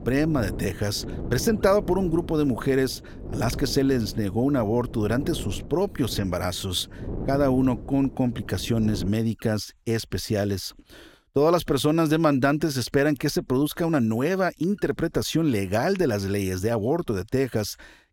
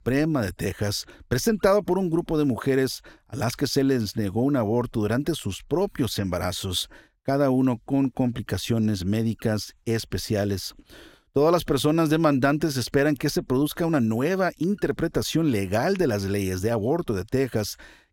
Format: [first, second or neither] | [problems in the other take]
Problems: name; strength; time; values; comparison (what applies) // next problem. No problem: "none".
second | wind noise on the microphone; occasional gusts; until 9 s; 15 dB below the speech